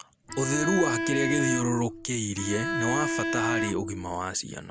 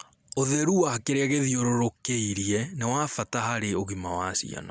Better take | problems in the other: second | background sound (Bowed string instrument); 1 dB below the speech

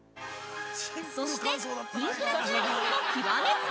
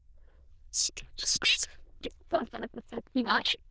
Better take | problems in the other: first | noise reduction (neural diffusion model UNIVERSE++)

